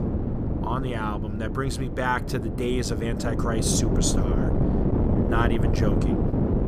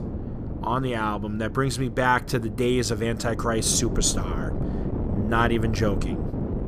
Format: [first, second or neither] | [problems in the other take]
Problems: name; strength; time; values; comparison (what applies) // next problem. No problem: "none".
second | wind noise on the microphone; heavy; 3 dB below the speech; occasional gusts in the second